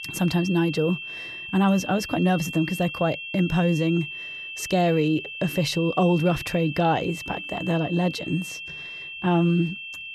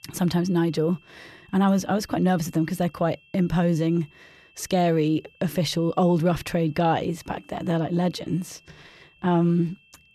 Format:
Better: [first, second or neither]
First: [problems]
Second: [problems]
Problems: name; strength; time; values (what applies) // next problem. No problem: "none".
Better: second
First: high-pitched whine; loud; throughout; 2.5 kHz, 9 dB below the speech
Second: high-pitched whine; faint; throughout; 2.5 kHz, 30 dB below the speech